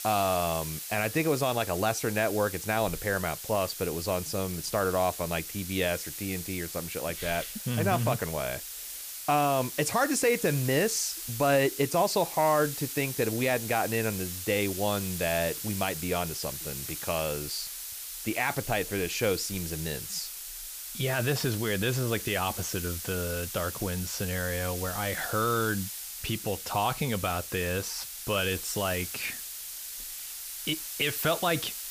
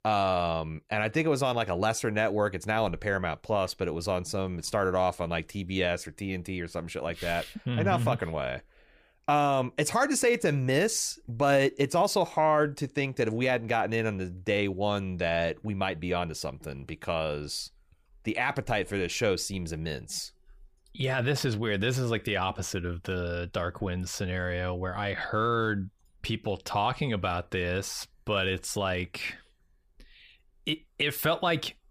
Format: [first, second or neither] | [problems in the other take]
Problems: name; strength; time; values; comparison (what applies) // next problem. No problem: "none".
second | hiss; loud; throughout; 6 dB below the speech